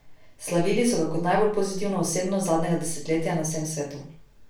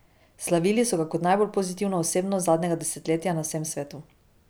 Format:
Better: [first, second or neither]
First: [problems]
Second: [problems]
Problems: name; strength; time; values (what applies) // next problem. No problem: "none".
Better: second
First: room echo; dies away in 0.4 s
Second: none